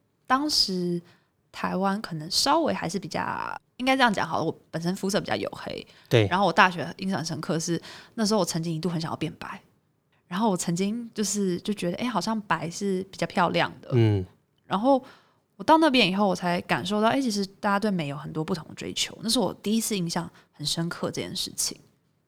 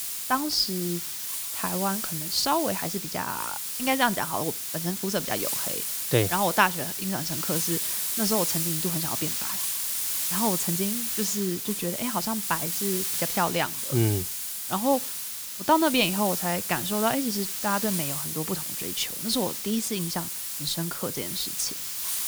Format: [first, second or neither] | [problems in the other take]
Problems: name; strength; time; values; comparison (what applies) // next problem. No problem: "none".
first | hiss; loud; throughout; as loud as the speech